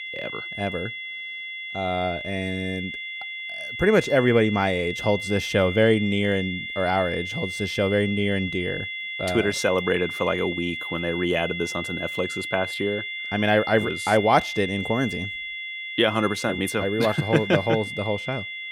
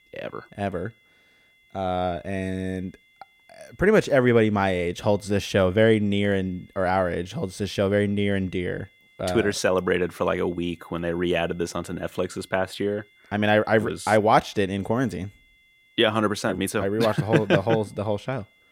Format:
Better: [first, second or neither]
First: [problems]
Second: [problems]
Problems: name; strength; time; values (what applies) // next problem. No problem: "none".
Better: second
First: high-pitched whine; loud; throughout; 2 kHz, 6 dB below the speech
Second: high-pitched whine; faint; throughout; 2 kHz, 35 dB below the speech